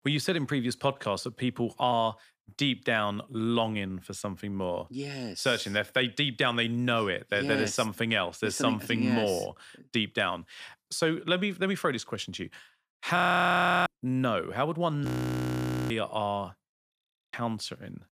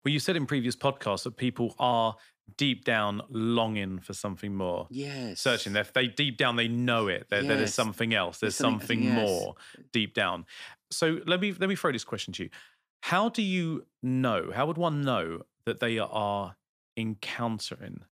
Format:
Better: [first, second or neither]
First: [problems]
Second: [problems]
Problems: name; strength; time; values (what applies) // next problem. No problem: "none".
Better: second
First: audio freezing; at 13 s for 0.5 s, at 15 s for 1 s and at 17 s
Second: none